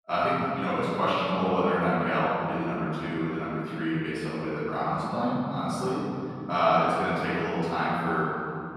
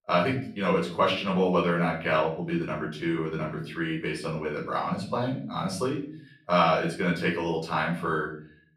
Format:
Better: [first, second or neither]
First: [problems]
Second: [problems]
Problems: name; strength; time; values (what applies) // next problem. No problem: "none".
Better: second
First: room echo; strong; dies away in 3 s // off-mic speech; far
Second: room echo; slight; dies away in 0.6 s // off-mic speech; far